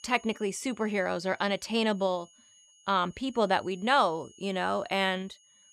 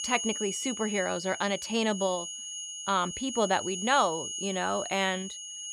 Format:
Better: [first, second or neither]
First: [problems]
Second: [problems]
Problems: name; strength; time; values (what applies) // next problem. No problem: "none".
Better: first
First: high-pitched whine; faint; throughout; 6.5 kHz, 25 dB below the speech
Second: high-pitched whine; loud; throughout; 6.5 kHz, 6 dB below the speech